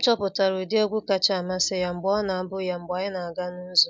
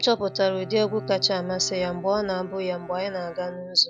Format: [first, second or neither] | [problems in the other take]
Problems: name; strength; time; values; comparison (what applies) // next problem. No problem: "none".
first | background sound (Bowed string instrument); 15 dB below the speech